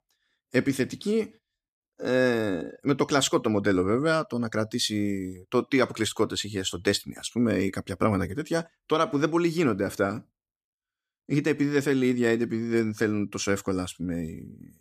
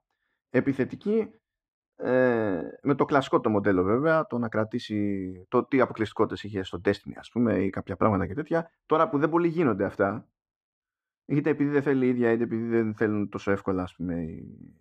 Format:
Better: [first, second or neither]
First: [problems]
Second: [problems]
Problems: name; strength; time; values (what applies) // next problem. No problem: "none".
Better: first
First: none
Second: muffled; very; fading above 3.5 kHz